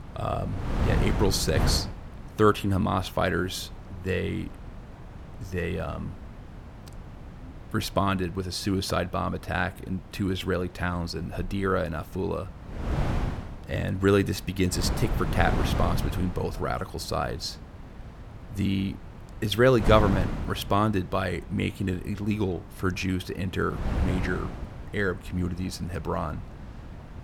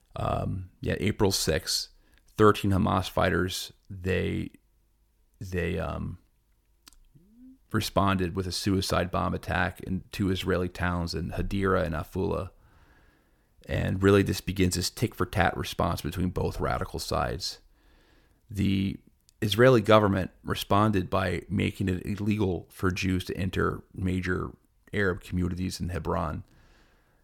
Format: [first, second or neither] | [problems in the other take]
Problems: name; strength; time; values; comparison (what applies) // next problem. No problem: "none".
second | wind noise on the microphone; occasional gusts; 10 dB below the speech